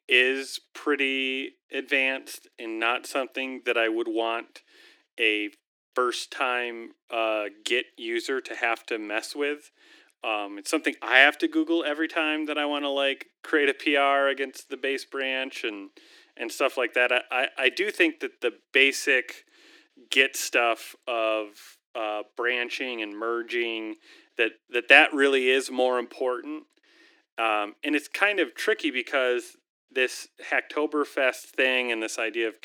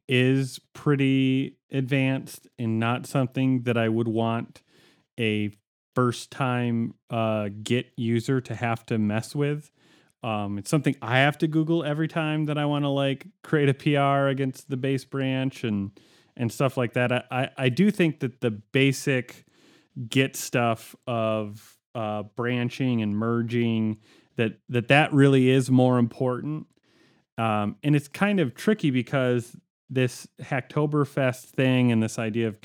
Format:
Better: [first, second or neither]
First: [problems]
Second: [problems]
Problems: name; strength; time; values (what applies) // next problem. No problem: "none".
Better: second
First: thin; very; fading below 300 Hz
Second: none